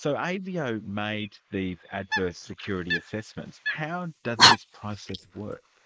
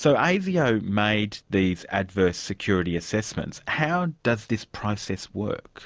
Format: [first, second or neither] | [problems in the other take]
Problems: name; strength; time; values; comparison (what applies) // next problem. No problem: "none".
second | noise reduction (neural mask model Resemble Enhance denoiser)